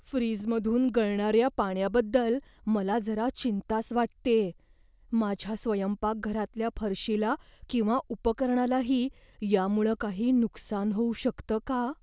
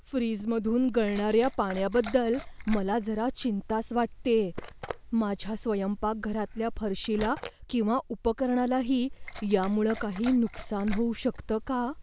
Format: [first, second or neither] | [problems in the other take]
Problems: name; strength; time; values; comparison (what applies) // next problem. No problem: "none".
first | background sound (Liquid); 12 dB below the speech